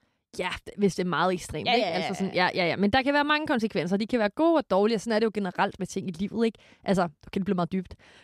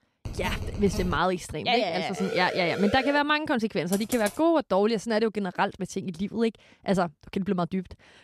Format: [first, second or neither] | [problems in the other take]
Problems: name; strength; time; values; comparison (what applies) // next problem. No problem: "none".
first | phone ringing; noticeable; at 0.5 s; peak 8 dB below the speech // siren; noticeable; from 2 to 3 s; peak 7 dB below the speech // keyboard typing; noticeable; at 4 s; peak 9 dB below the speech